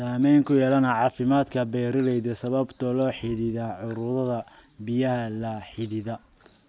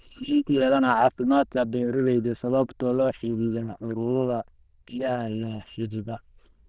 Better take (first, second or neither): first